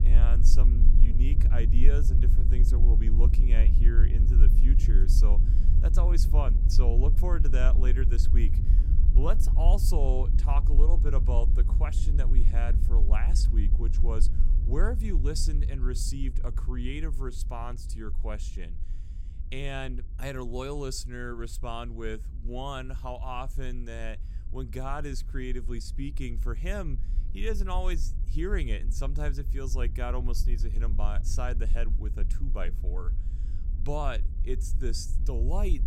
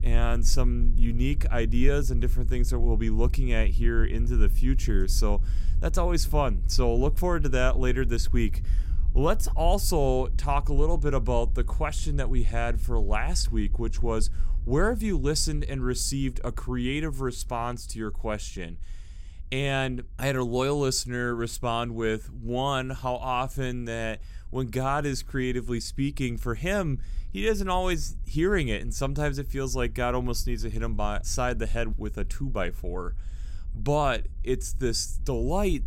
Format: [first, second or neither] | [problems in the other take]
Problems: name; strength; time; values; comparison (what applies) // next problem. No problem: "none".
second | low rumble; loud; throughout; 9 dB below the speech; faint in the second